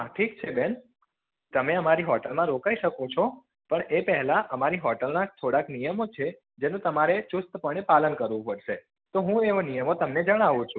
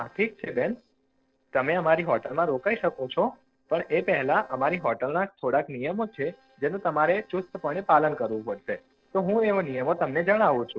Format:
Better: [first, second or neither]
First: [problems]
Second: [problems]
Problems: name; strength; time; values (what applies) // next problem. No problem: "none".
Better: first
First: none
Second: noise reduction (neural separator model SepFormer DNS4)